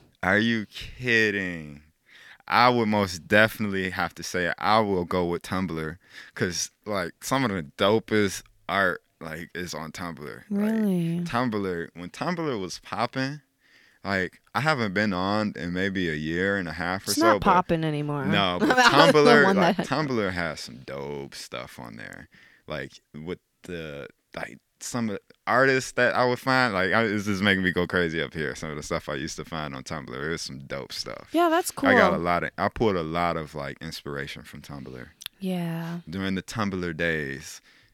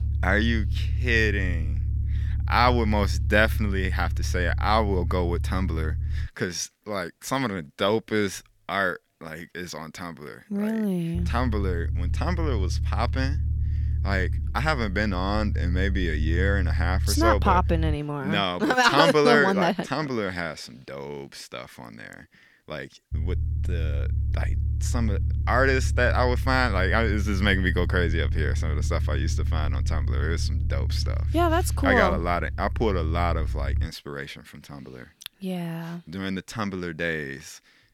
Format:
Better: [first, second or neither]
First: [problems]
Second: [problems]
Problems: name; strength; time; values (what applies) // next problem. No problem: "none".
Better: first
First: none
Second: low rumble; noticeable; until 6.5 s, from 11 to 18 s and from 23 to 34 s; 20 dB below the speech